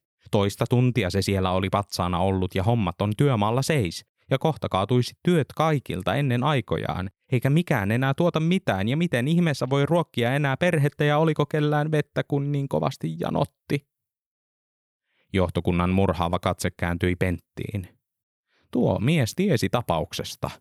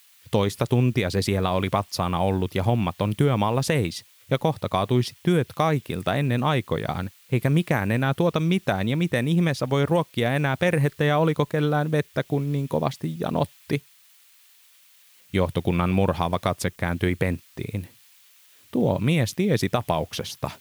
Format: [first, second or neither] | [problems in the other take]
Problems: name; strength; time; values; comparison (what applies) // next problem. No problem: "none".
first | hiss; faint; throughout; 25 dB below the speech